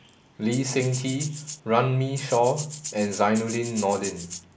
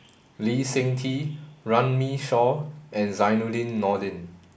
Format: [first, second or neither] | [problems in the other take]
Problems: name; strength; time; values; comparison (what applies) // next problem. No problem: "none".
second | background sound (Rattle (instrument)); 12 dB below the speech